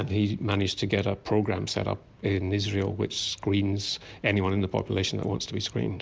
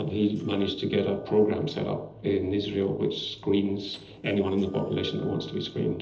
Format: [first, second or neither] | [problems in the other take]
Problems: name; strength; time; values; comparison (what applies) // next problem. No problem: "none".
first | noise reduction (neural separator model SepFormer DNS4)